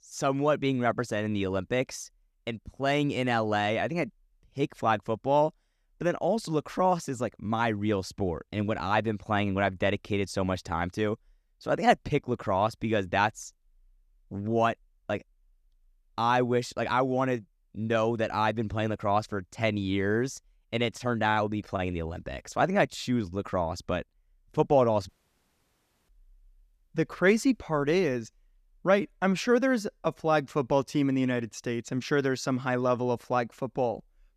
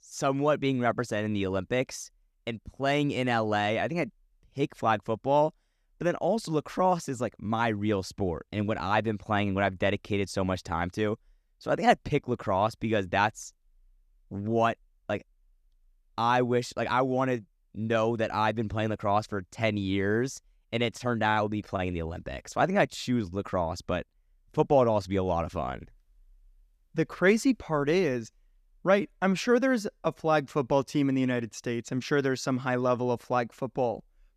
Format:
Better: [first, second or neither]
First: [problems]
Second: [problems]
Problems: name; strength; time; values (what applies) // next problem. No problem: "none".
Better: second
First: audio cutting out; at 25 s for 1 s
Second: none